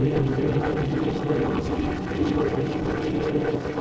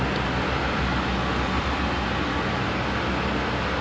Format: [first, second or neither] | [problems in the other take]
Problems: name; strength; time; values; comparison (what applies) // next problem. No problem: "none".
second | noise reduction (neural separator model SepFormer DNS4)